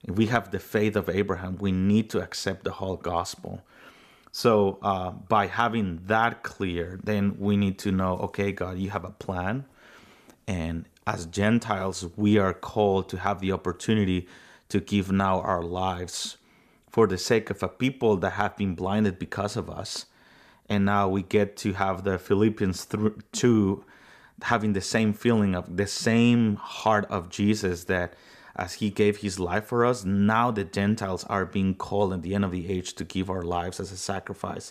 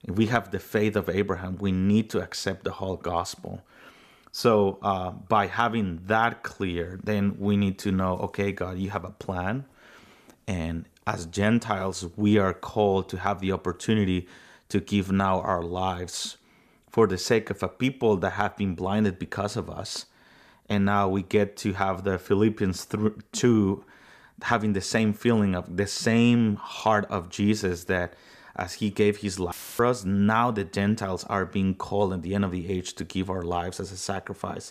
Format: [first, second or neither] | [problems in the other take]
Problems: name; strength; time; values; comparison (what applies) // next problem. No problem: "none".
first | audio cutting out; filled with static; at 30 s